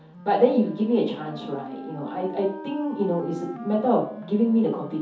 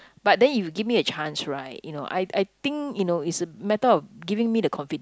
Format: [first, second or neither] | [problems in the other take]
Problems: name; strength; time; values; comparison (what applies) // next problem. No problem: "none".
second | background sound (Wind instrument, woodwind instrument); 15 dB below the speech // room echo; dies away in 0.5 s